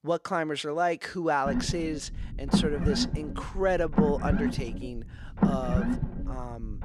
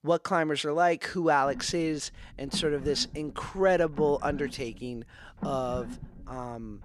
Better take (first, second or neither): second